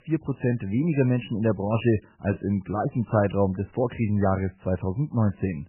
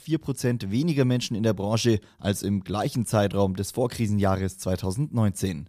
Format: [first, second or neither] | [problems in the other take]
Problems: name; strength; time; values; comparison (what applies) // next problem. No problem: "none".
second | garbled, watery; badly; nothing above 3 kHz